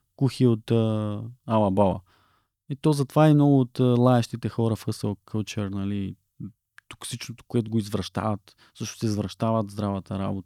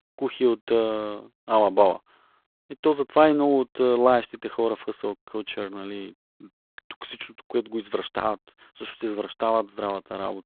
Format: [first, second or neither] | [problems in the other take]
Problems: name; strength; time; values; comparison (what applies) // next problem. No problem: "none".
first | phone-call audio; poor line